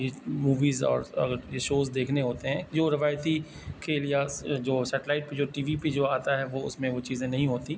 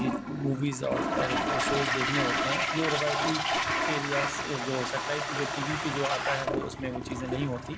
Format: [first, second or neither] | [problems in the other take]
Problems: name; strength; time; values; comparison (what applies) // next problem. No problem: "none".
first | background sound (Toilet flush); 2 dB above the speech